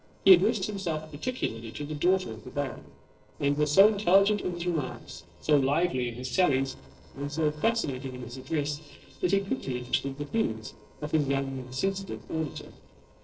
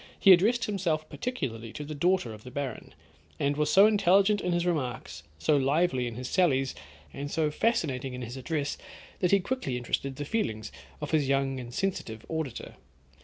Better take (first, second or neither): second